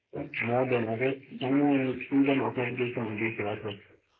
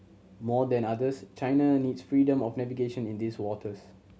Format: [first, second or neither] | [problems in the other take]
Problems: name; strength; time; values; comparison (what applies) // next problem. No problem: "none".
second | noise reduction (neural mask model Resemble Enhance denoiser)